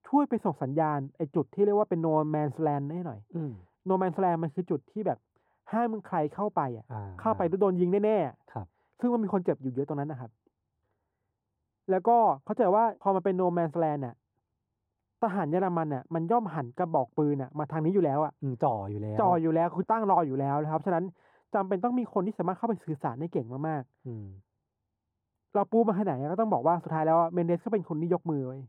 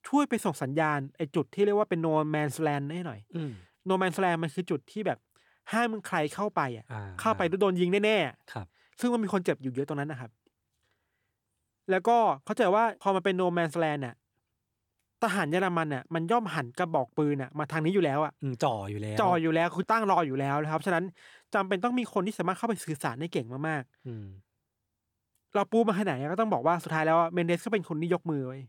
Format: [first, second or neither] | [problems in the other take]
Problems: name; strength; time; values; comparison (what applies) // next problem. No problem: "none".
second | muffled; very; fading above 1.5 kHz